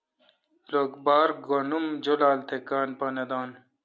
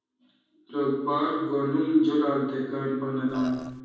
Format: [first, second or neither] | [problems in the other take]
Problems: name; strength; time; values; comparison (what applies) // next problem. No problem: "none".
first | background sound (Burping, eructation); 15 dB below the speech // room echo; dies away in 1.1 s